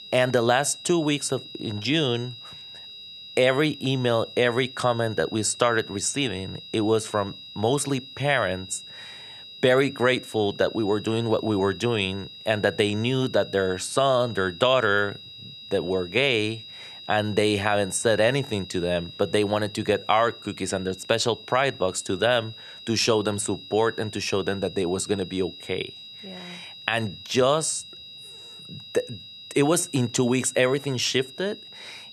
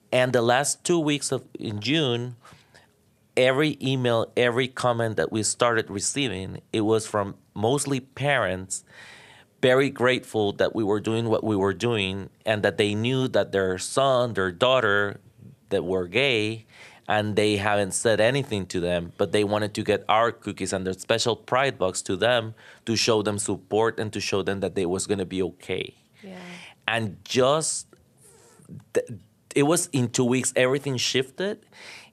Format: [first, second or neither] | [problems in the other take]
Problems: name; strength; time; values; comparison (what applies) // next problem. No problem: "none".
second | high-pitched whine; noticeable; throughout; 4 kHz, 15 dB below the speech